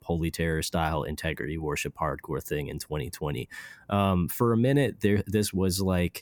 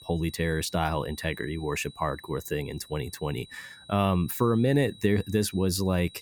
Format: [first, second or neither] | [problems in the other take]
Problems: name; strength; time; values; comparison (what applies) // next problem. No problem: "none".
first | high-pitched whine; faint; throughout; 4 kHz, 20 dB below the speech